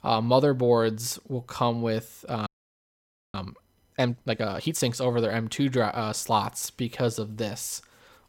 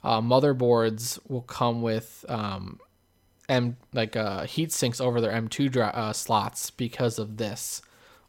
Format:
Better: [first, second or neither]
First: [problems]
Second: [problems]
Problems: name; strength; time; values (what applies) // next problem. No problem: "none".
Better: second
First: audio freezing; at 2.5 s for 1 s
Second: none